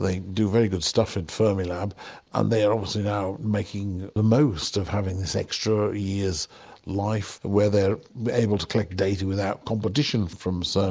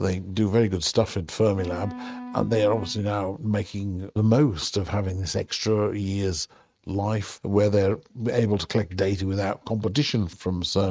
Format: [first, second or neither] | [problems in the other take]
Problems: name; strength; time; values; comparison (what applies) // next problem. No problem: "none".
first | noise reduction (neural mask model RNNoise)